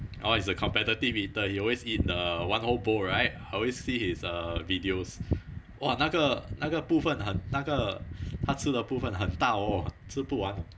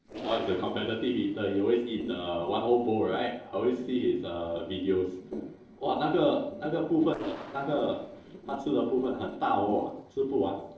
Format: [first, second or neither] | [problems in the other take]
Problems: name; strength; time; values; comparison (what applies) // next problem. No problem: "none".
first | noise reduction (neural separator model SepFormer DNS4)